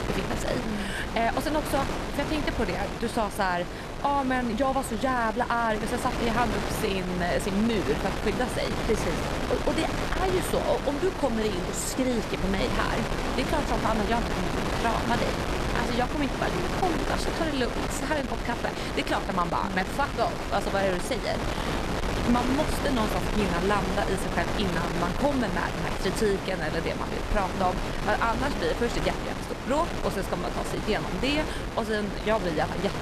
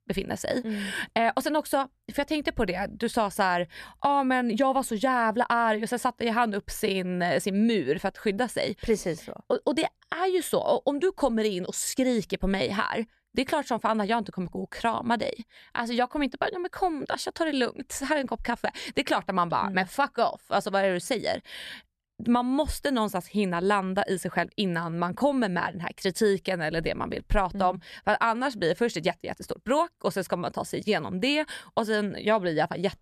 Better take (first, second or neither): second